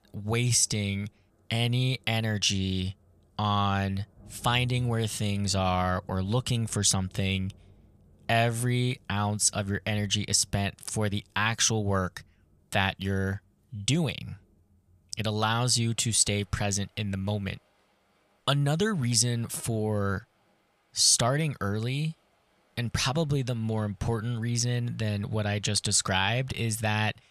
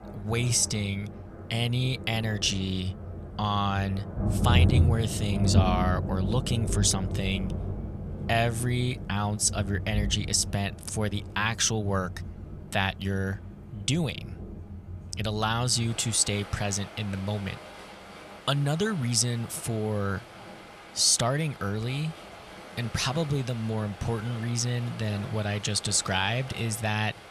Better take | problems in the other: first | rain or running water; loud; throughout; 6 dB below the speech; faint in the first

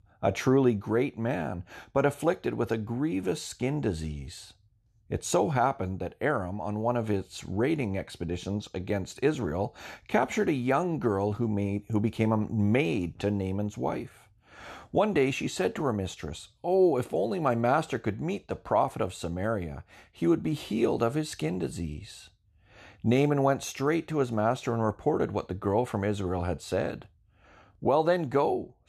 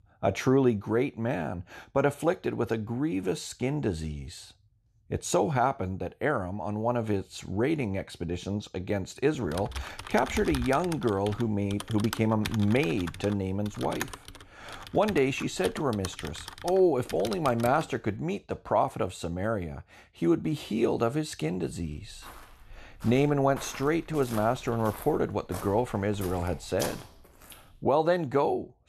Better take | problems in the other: first | keyboard typing; noticeable; from 9.5 to 18 s; peak 7 dB below the speech // footsteps; noticeable; from 22 to 28 s; peak 8 dB below the speech

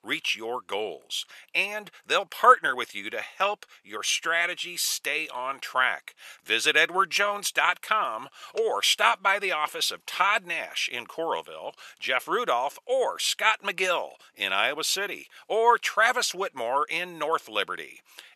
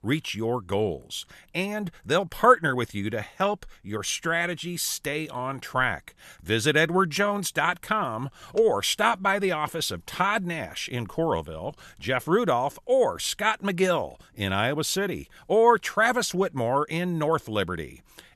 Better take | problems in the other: second | thin; very; fading below 550 Hz

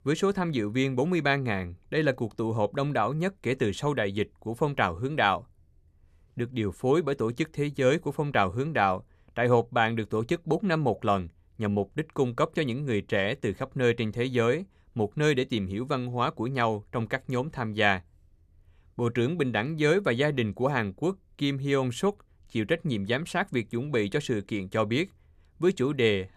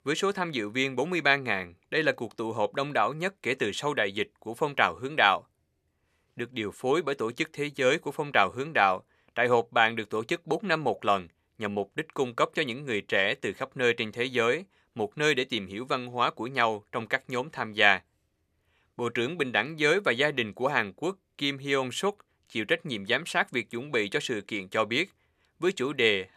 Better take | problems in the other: first | thin; somewhat; fading below 550 Hz

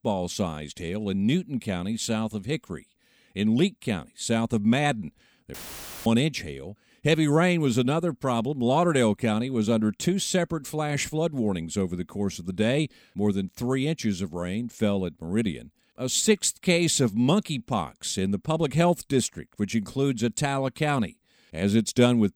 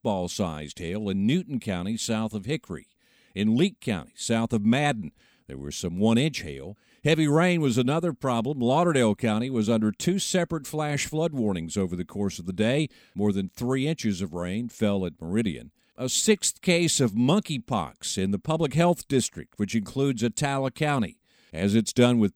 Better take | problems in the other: second | audio cutting out; filled with static; at 5.5 s for 0.5 s

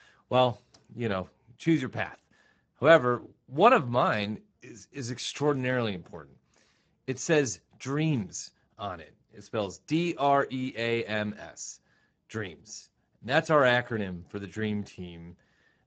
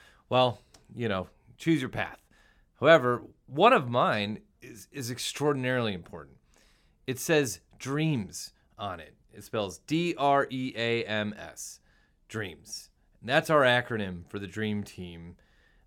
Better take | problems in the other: second | garbled, watery; badly; nothing above 7.5 kHz

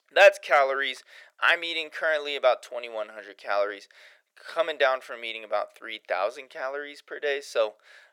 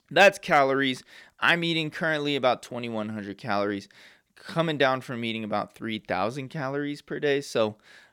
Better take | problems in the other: second | thin; very; fading below 450 Hz

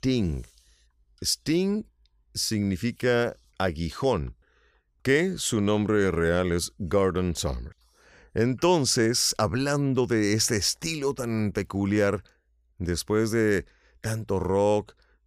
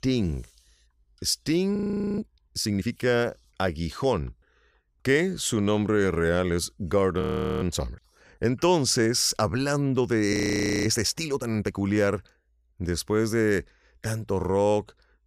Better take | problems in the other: first | audio freezing; at 2 s, at 7 s and at 10 s for 0.5 s

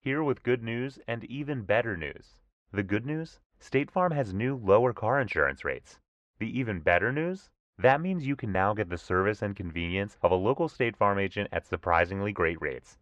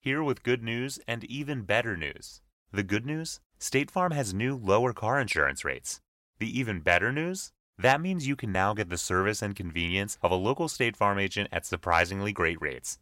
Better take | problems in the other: second | muffled; very; fading above 2 kHz

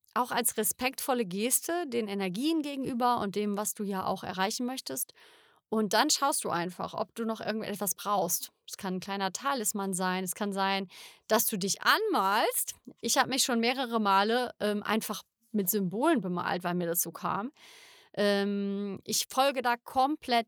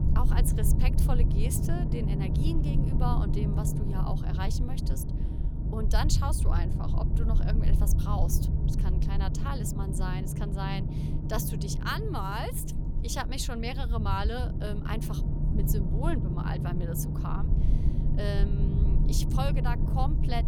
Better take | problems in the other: first | low rumble; loud; throughout; 4 dB below the speech

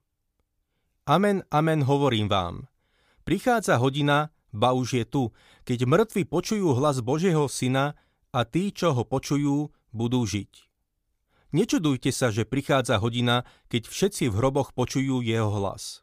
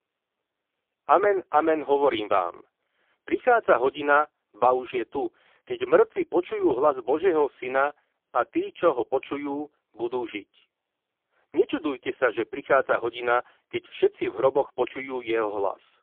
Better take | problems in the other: first | phone-call audio; poor line; nothing above 3.5 kHz

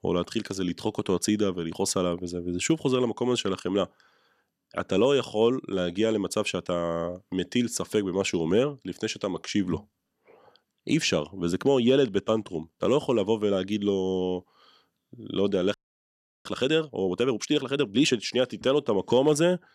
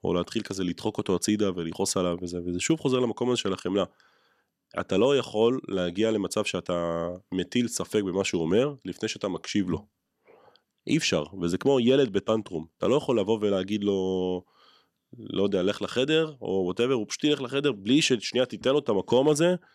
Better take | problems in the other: second | audio freezing; at 16 s for 0.5 s

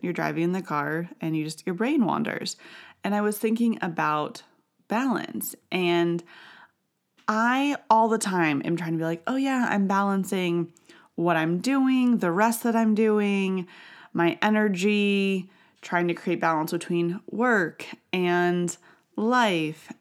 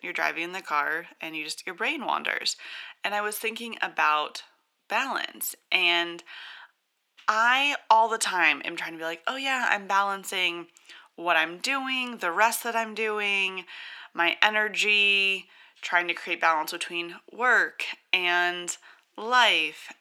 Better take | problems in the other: first | thin; very; fading below 700 Hz

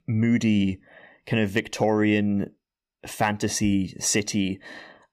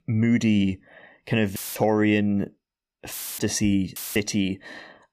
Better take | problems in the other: first | audio cutting out; filled with static; at 1.5 s, at 3 s and at 4 s

